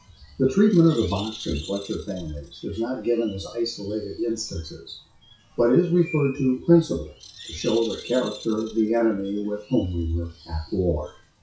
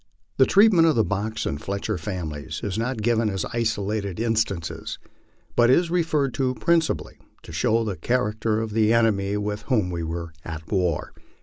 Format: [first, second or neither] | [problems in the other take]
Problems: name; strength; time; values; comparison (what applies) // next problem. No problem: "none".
second | noise reduction (classical method WPE with log-MMSE)